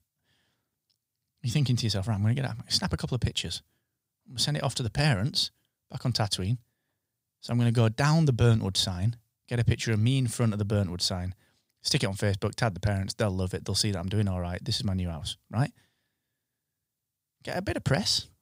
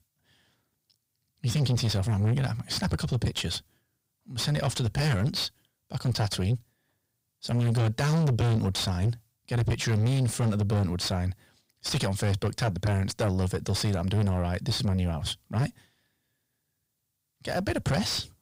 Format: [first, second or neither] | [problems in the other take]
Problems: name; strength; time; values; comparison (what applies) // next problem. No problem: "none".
first | distortion; heavy; 7 dB below the speech